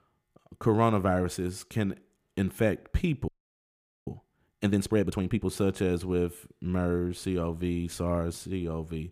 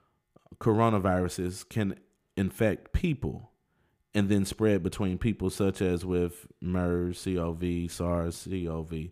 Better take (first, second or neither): second